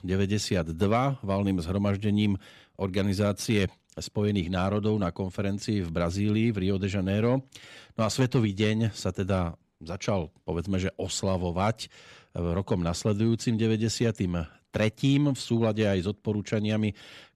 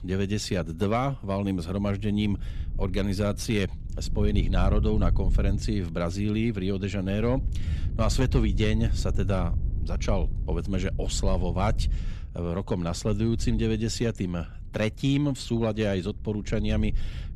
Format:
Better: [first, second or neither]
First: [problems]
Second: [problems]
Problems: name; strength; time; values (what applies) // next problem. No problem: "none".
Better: first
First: none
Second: wind noise on the microphone; occasional gusts; 15 dB below the speech